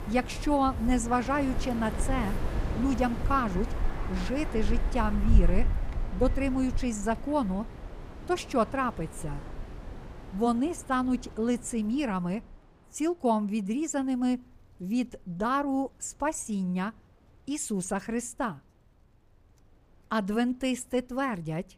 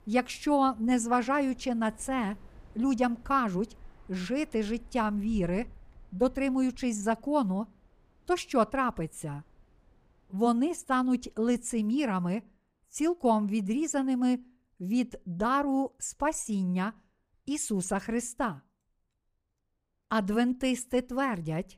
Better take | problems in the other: second | wind in the background; loud; throughout; 6 dB below the speech; faint in the second

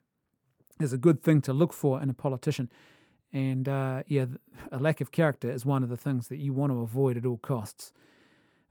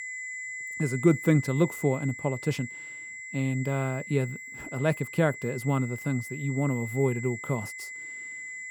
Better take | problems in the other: first | high-pitched whine; loud; throughout; 2 kHz, 9 dB below the speech

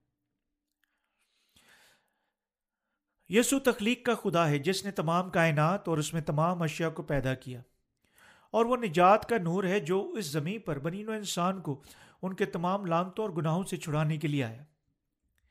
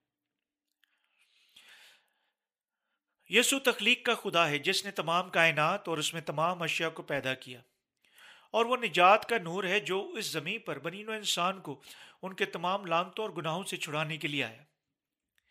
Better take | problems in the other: first | thin; somewhat; fading below 550 Hz

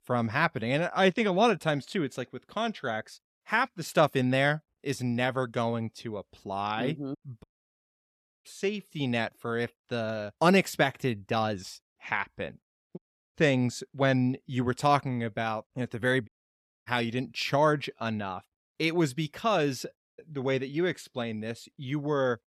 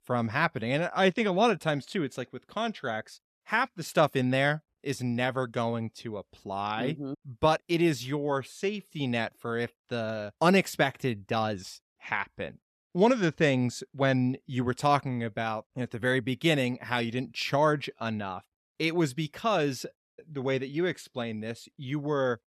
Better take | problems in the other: second | audio cutting out; at 7.5 s for 1 s, at 13 s and at 16 s for 0.5 s

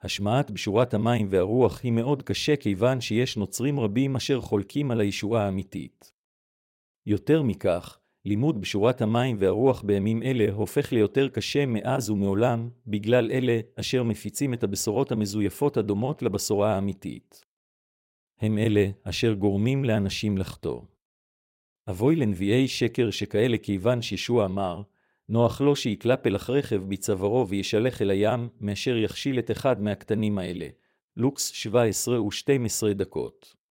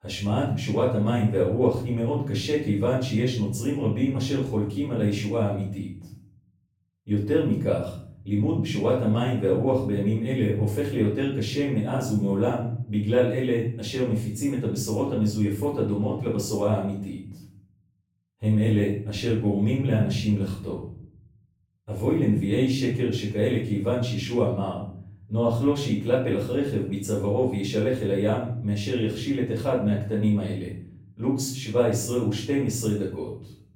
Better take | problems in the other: first | off-mic speech; far // room echo; noticeable; dies away in 0.7 s

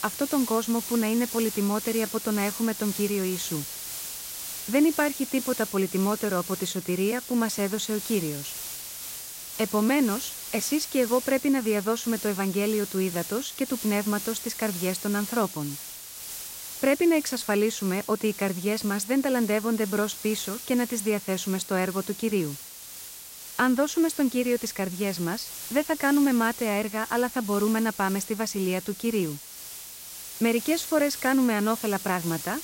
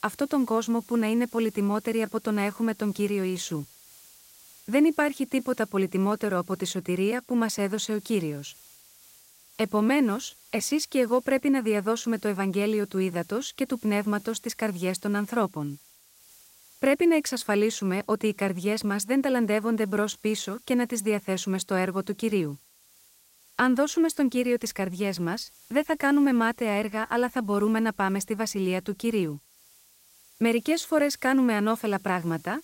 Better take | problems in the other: second | hiss; loud; throughout; 9 dB below the speech; faint in the second

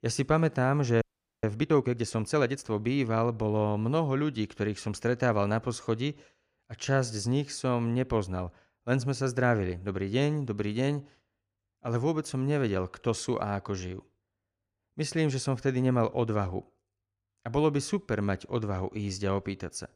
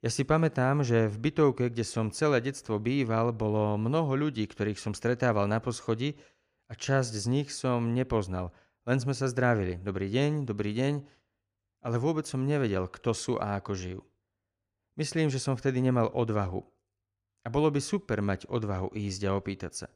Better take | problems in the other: second | audio freezing; at 1 s

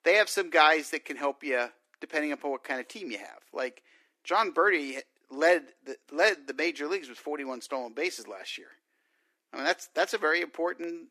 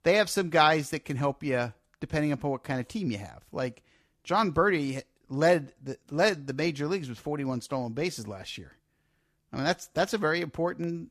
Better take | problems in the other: second | thin; somewhat; fading below 300 Hz

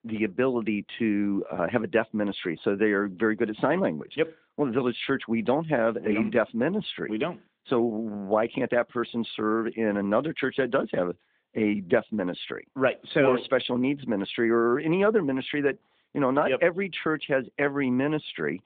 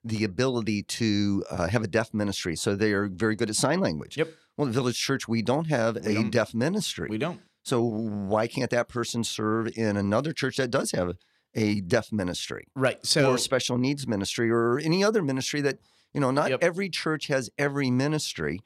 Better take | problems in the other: second | phone-call audio; nothing above 3.5 kHz

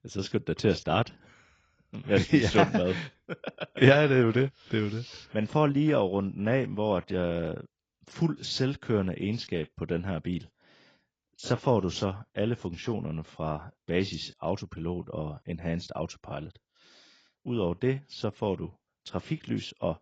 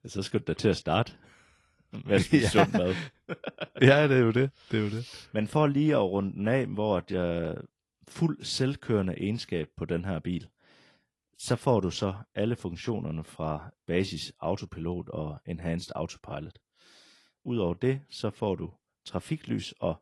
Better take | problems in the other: second | garbled, watery; badly; nothing above 7.5 kHz; slightly in the second

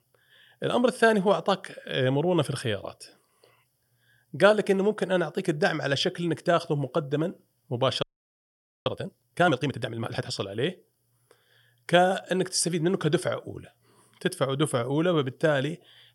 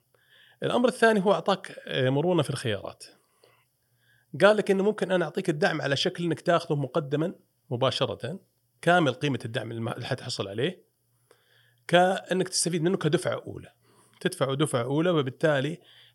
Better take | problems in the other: second | audio freezing; at 8 s for 1 s

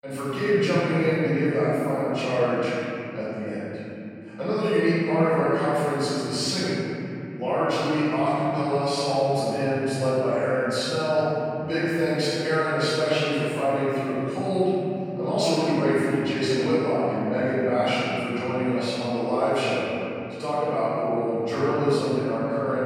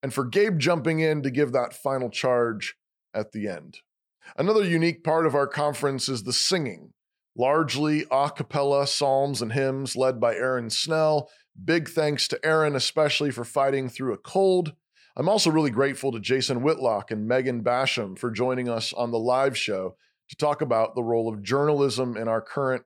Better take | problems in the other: second | off-mic speech; far // room echo; strong; dies away in 3 s

